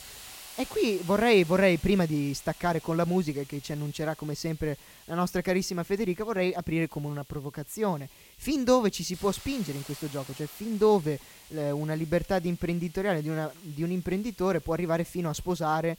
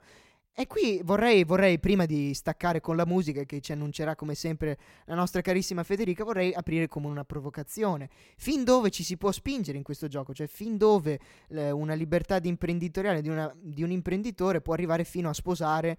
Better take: second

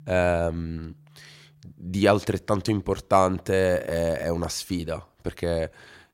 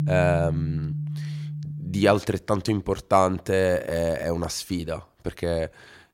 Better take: first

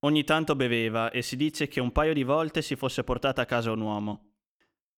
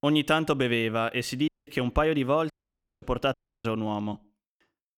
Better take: first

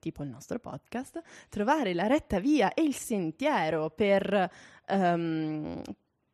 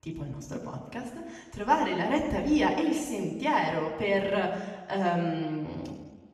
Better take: first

